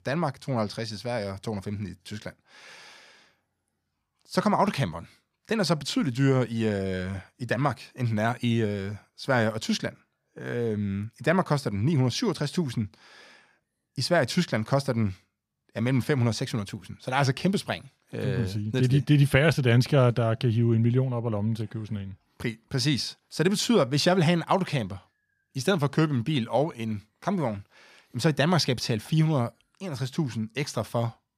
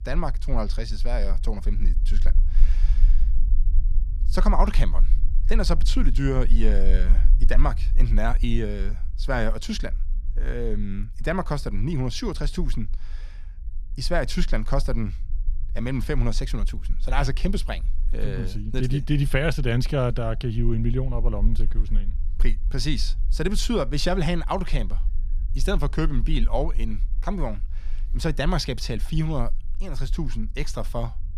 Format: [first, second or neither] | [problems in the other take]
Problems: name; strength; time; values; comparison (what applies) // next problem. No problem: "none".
first | low rumble; faint; throughout; 25 dB below the speech